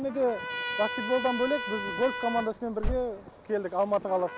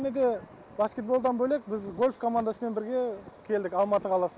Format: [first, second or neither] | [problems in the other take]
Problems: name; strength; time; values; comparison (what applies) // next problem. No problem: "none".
second | background sound (Slam / Car + Trumpet); 6 dB below the speech